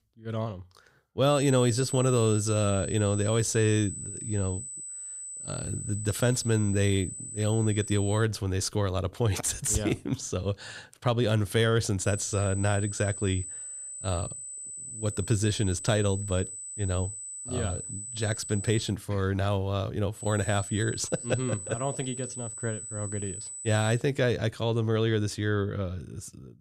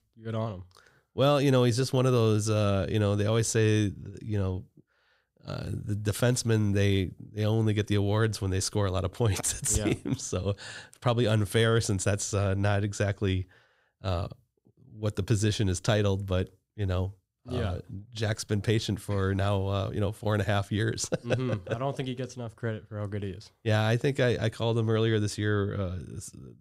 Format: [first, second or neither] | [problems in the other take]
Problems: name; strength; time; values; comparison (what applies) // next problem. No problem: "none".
second | high-pitched whine; loud; from 1.5 to 8 s, from 12 to 19 s and from 20 to 24 s; 8 kHz, 8 dB below the speech